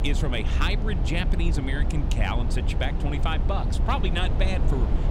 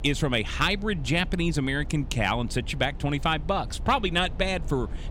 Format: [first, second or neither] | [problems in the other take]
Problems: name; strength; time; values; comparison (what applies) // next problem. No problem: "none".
second | low rumble; loud; throughout; 7 dB below the speech; faint in the second